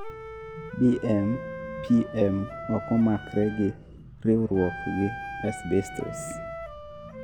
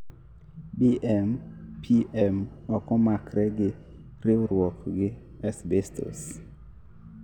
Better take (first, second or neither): second